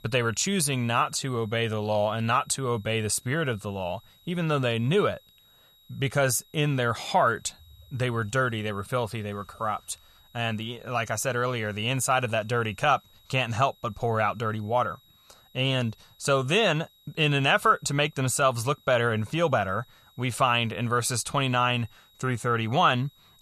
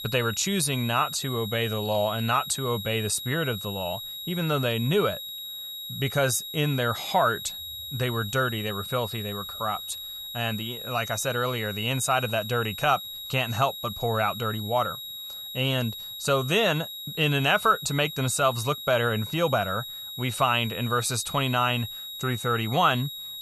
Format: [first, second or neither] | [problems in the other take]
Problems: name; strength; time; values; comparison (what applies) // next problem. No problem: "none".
first | high-pitched whine; loud; throughout; 4 kHz, 8 dB below the speech; faint in the first